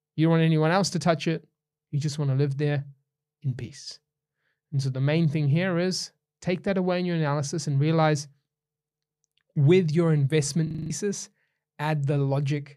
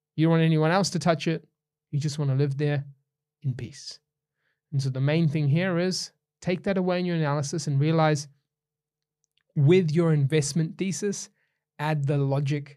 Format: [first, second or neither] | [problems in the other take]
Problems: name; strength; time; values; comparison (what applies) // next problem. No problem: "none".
second | audio freezing; at 11 s